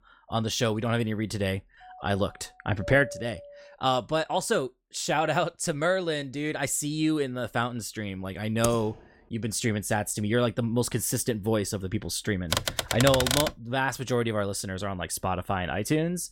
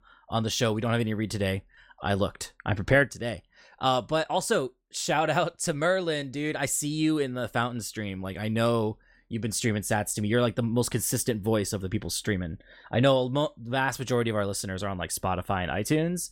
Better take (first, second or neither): second